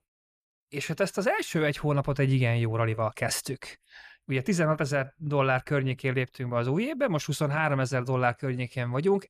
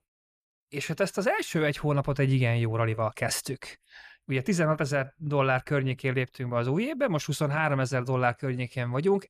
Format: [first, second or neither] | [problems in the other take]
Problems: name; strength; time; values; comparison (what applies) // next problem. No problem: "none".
neither | none